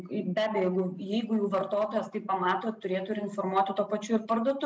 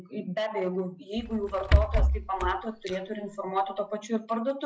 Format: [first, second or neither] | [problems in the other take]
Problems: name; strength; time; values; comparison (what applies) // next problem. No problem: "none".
first | noise reduction (classical method log-MMSE)